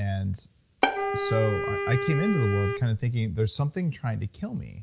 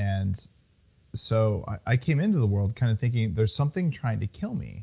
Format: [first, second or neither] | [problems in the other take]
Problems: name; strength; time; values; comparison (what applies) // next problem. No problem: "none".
second | background sound (Wind instrument, woodwind instrument + Bowed string instrument); 3 dB below the speech